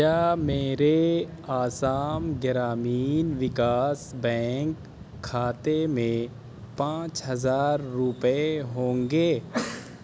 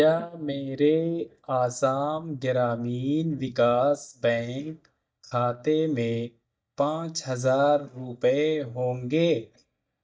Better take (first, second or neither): first